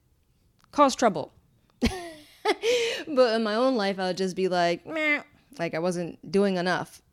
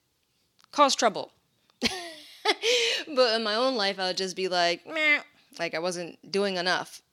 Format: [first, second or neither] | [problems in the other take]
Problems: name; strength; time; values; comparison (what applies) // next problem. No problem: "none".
first | thin; very slightly; fading below 850 Hz